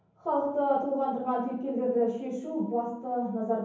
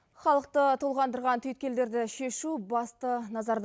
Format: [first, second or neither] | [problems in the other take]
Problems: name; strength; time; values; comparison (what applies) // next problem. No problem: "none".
second | room echo; dies away in 0.9 s